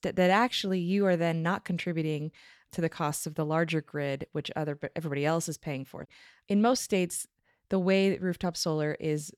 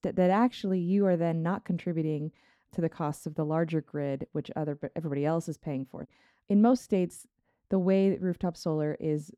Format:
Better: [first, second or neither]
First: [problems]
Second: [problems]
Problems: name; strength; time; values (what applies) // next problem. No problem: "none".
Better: first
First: none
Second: muffled; slightly; fading above 1.5 kHz